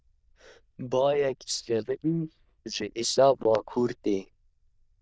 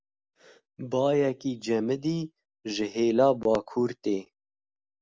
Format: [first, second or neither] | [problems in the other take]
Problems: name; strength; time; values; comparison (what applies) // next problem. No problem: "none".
second | noise reduction (neural diffusion model UNIVERSE++)